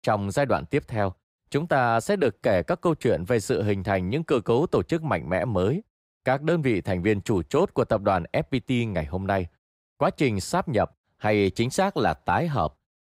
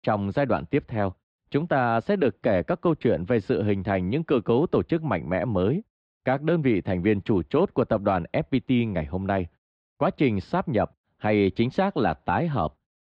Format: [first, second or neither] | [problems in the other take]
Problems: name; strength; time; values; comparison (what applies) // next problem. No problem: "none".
first | muffled; slightly; fading above 3.5 kHz